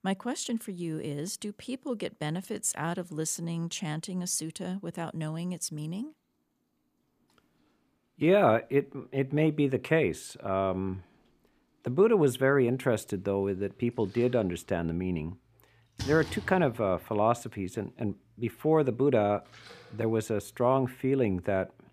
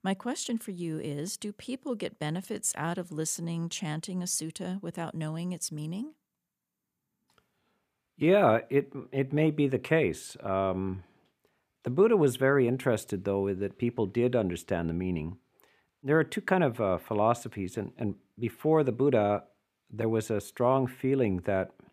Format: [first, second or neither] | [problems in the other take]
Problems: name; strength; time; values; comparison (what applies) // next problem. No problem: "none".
second | rain or running water; noticeable; throughout; 15 dB below the speech